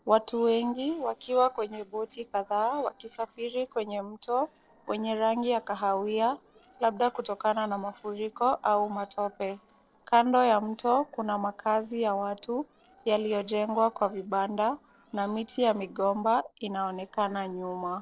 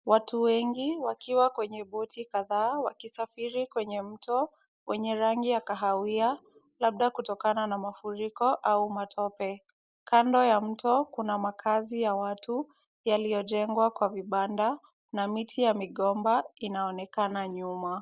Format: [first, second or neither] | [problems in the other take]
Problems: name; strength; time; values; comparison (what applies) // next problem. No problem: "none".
second | noise reduction (neural separator model SepFormer DNS4)